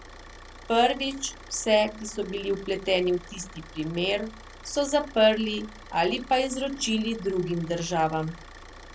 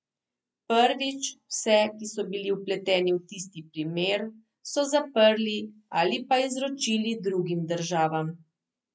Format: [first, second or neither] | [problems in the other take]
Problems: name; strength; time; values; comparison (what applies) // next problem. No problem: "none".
second | background sound (Idling / Car); 18 dB below the speech